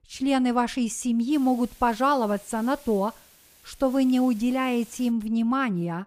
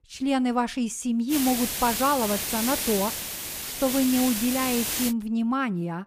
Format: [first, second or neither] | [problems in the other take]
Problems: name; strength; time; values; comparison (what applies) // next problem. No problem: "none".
first | hiss; loud; from 1.5 to 5 s; 2 dB below the speech; faint in the first